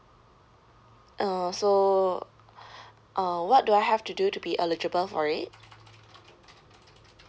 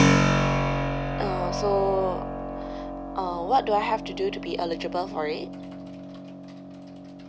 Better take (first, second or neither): first